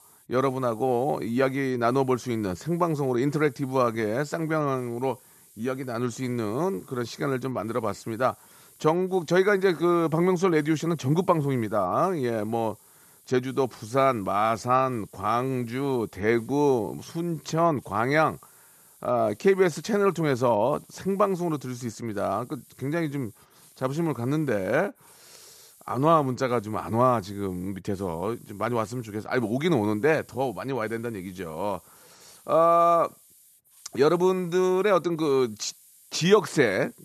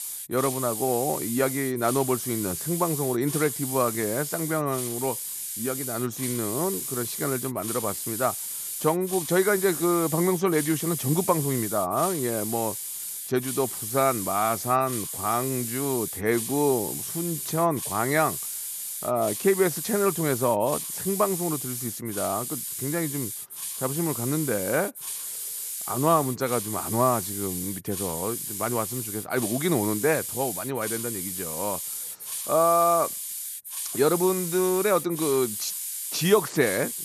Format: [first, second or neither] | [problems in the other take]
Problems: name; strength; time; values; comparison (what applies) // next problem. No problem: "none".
first | hiss; loud; throughout; 4 dB below the speech; faint in the first